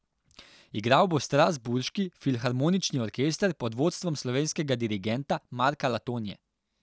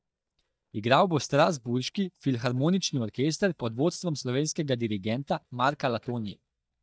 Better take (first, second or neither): first